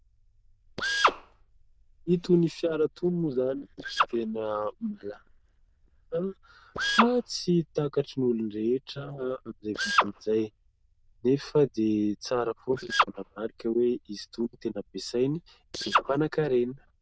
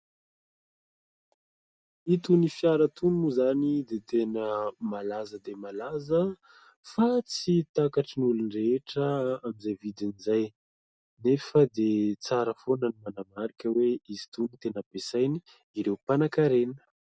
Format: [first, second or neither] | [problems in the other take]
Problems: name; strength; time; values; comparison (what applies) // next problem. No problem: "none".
second | noise reduction (neural diffusion model UNIVERSE++)